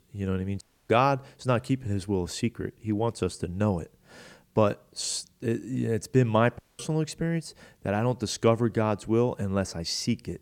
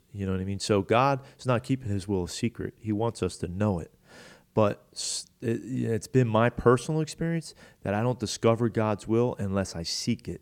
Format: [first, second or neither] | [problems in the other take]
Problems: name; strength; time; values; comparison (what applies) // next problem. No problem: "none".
second | audio cutting out; at 0.5 s and at 6.5 s